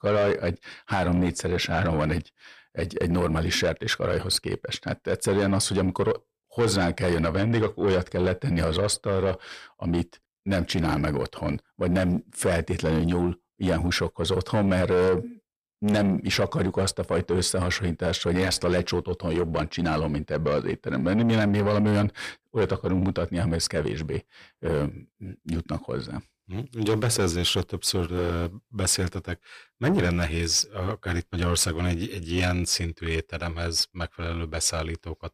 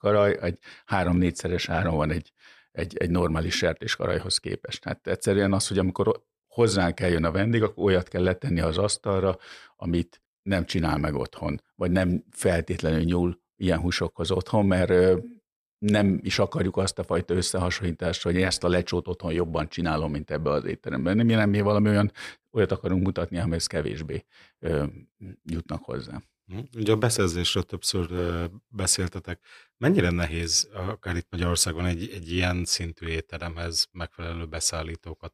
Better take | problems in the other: second | distortion; slight; 10 dB below the speech

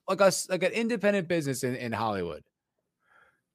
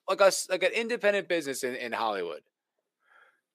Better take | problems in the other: first | thin; somewhat; fading below 400 Hz

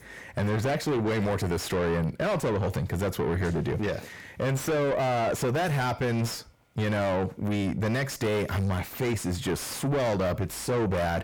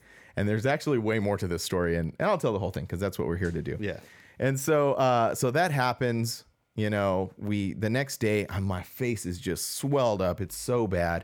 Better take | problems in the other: second | distortion; heavy; 6 dB below the speech

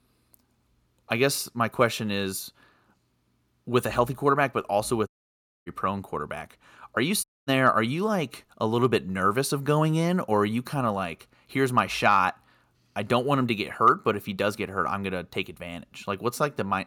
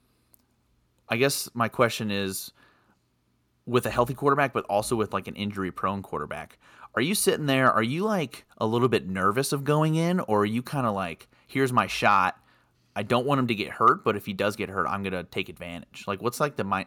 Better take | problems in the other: second | audio cutting out; at 5 s for 0.5 s and at 7 s

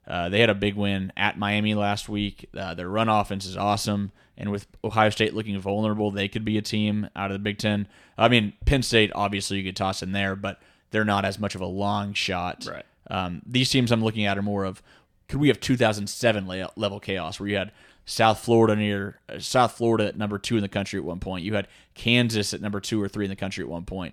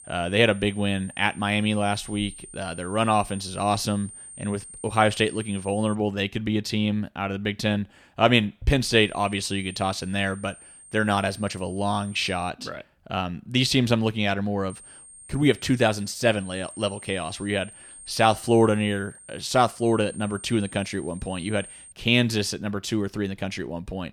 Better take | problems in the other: first | high-pitched whine; noticeable; until 6 s, from 9 to 13 s and from 15 to 22 s; 8.5 kHz, 15 dB below the speech

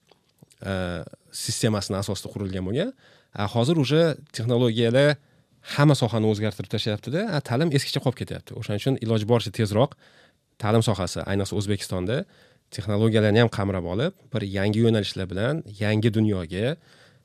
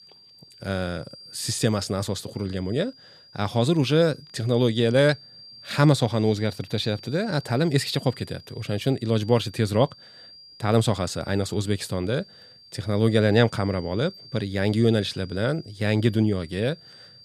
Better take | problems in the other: first | high-pitched whine; faint; throughout; 4.5 kHz, 20 dB below the speech

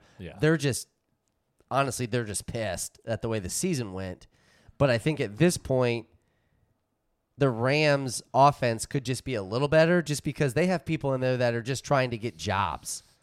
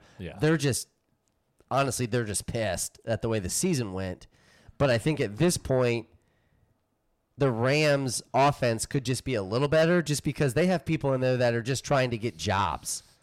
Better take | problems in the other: first | distortion; slight; 10 dB below the speech

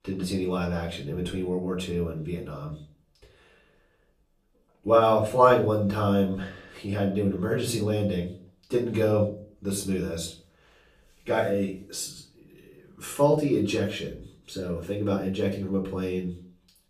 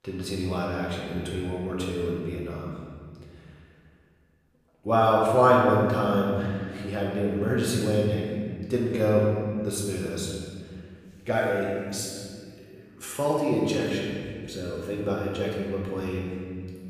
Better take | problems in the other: first | room echo; strong; dies away in 2 s; slight in the first // off-mic speech; far; far in the first

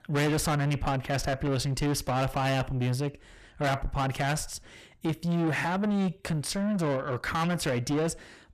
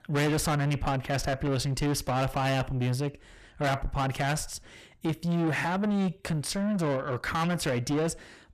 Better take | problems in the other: neither | distortion; heavy; 6 dB below the speech; the same in both

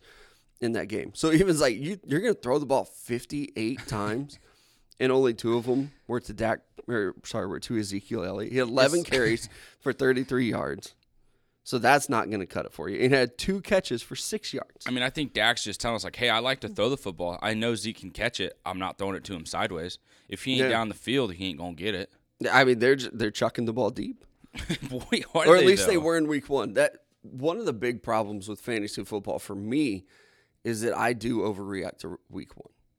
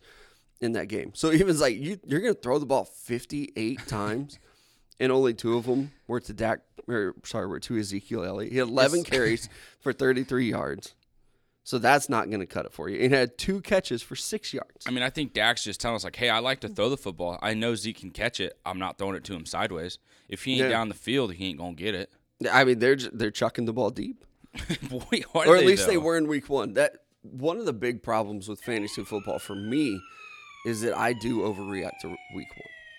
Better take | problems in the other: first | siren; faint; from 29 s on; peak 15 dB below the speech

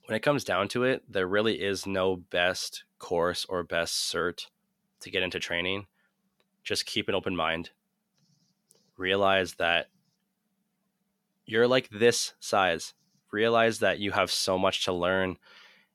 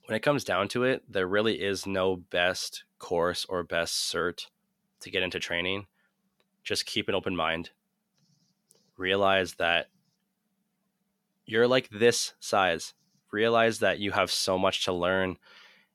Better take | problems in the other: neither | none

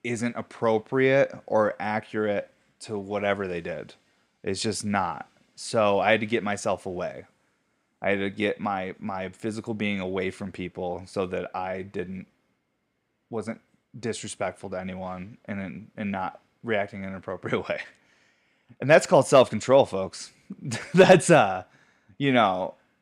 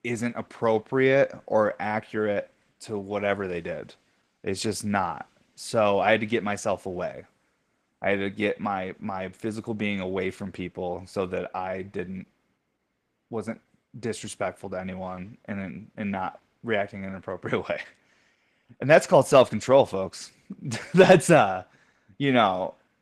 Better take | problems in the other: first | garbled, watery; slightly

